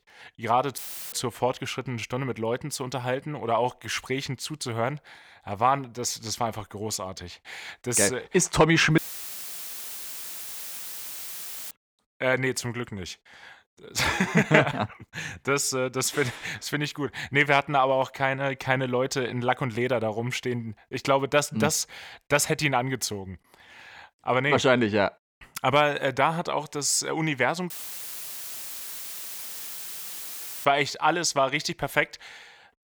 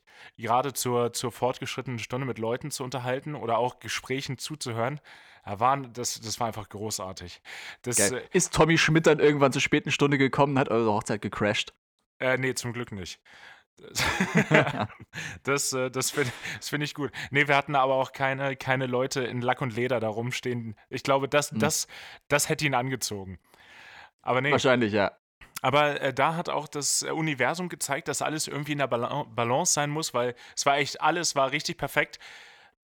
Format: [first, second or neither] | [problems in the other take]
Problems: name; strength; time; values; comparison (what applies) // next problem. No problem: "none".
second | audio cutting out; filled with static; at 1 s, at 9 s for 2.5 s and at 28 s for 3 s